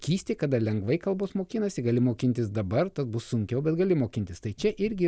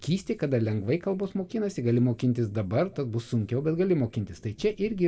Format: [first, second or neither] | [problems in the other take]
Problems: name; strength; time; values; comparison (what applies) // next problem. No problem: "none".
first | room echo; dies away in 1.5 s